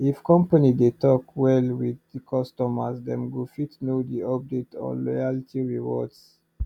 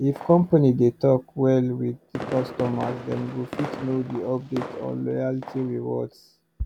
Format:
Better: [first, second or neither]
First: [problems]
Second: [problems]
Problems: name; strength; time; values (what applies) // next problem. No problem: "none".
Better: first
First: none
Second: background sound (Fireworks); 14 dB below the speech